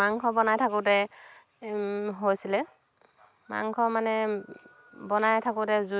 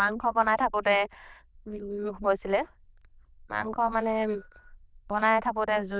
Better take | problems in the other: first | noise reduction (neural diffusion model UNIVERSE++)

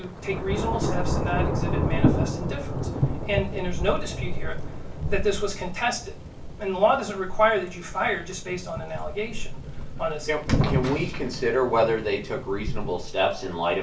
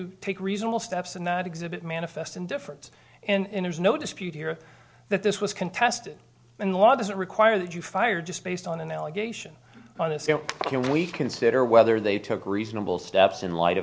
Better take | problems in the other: second | background sound (Thunder / Rain); as loud as the speech // room echo; dies away in 0.3 s

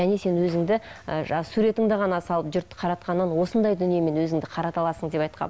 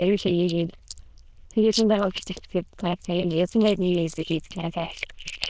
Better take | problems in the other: first | noise reduction (neural diffusion model UNIVERSE++)

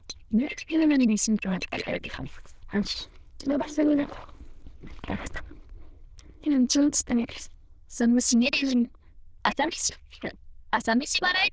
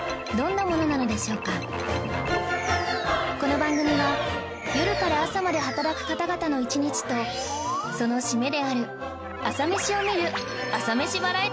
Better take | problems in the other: second | noise reduction (neural diffusion model UNIVERSE++)

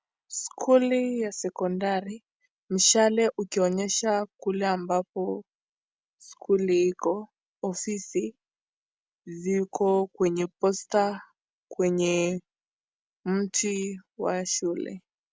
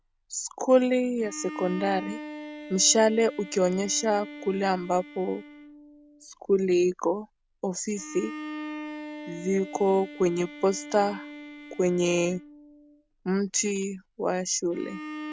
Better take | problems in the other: first | background sound (Bowed string instrument); 14 dB below the speech

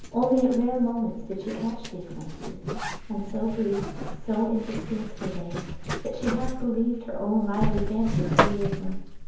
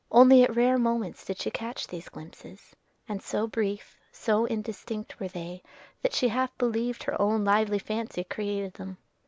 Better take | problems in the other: second | background sound (Zipper (clothing)); 2 dB below the speech // room echo; dies away in 0.9 s

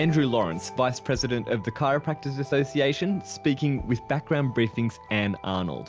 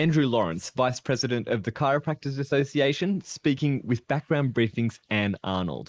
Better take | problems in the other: first | noise reduction (neural mask model Resemble Enhance denoiser)

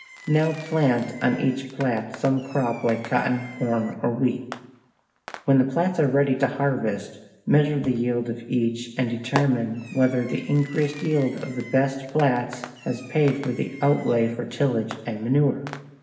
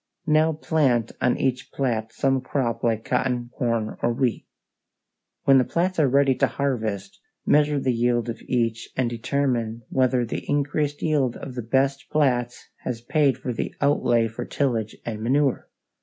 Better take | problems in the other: second | background sound (Fireworks); 18 dB below the speech // room echo; dies away in 1 s

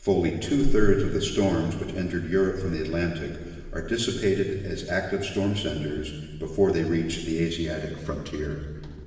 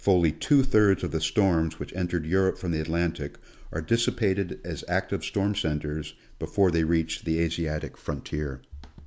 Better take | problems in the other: second | room echo; dies away in 1.6 s

